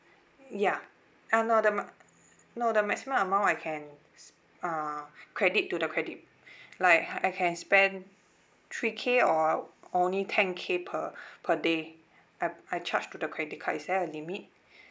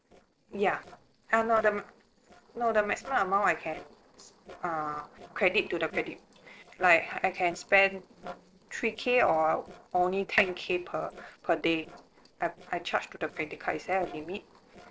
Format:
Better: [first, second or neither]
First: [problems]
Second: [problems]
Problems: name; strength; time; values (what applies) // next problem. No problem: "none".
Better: first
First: none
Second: noise reduction (neural separator model SepFormer DNS4)